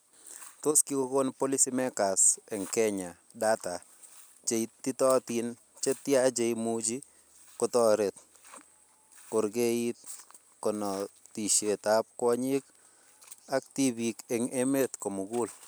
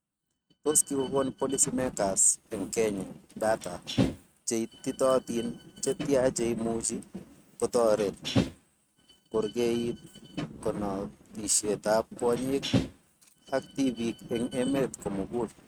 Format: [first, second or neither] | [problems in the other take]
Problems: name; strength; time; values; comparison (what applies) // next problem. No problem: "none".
first | noise reduction (neural mask model RNNoise)